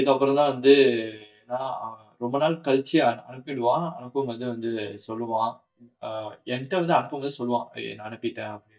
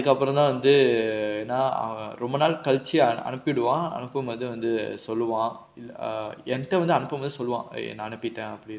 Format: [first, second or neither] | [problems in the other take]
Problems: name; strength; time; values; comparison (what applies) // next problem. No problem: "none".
second | noise reduction (neural mask model DeepFilterNet 3)